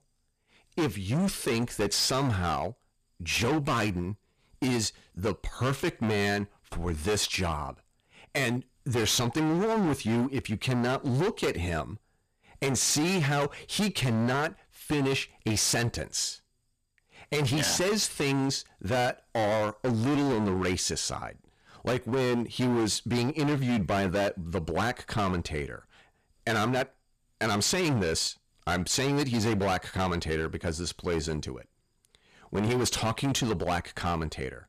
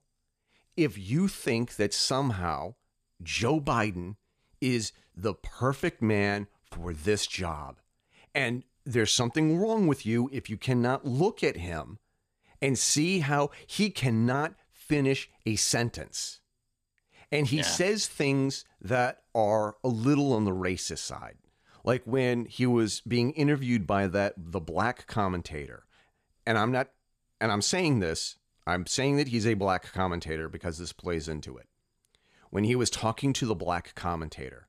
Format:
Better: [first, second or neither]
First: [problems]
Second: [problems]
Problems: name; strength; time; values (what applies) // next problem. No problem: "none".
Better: second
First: distortion; heavy; 18% of the sound clipped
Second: none